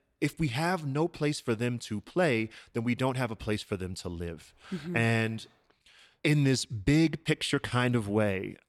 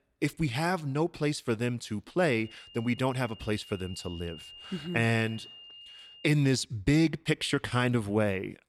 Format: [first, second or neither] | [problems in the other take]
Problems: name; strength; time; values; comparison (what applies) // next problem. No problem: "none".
first | high-pitched whine; noticeable; from 2.5 to 6.5 s; 3 kHz, 20 dB below the speech